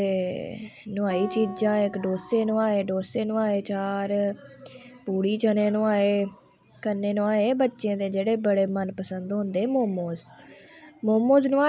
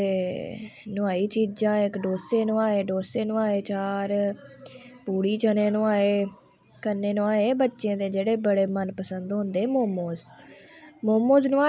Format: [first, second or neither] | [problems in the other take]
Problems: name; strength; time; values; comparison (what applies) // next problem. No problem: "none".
second | background sound (Acoustic guitar); 16 dB below the speech